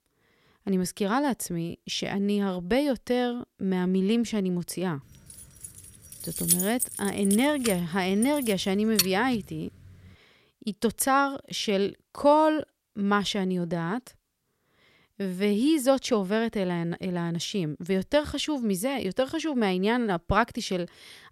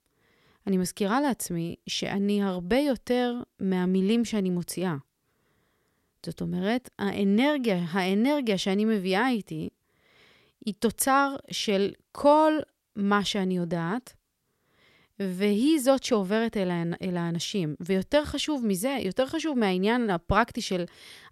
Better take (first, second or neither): second